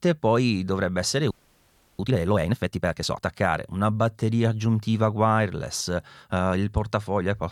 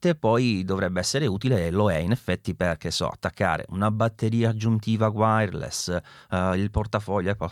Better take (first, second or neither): second